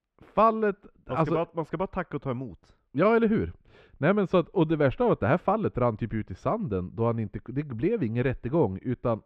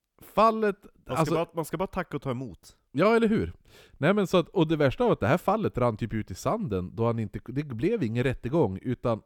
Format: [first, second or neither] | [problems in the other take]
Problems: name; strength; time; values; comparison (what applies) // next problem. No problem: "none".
second | muffled; slightly; fading above 2.5 kHz